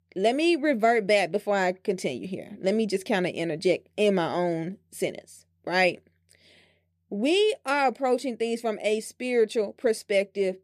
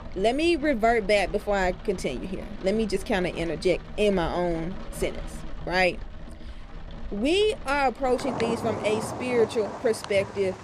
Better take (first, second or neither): first